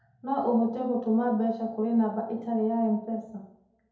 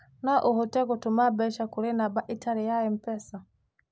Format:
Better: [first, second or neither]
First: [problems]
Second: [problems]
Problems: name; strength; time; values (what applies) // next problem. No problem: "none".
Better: second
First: room echo; dies away in 2 s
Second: none